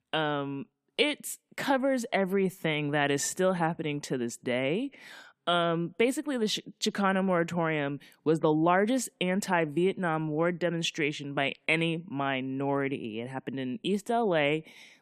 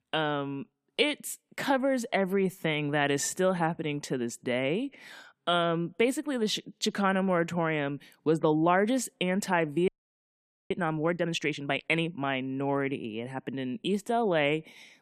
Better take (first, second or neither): first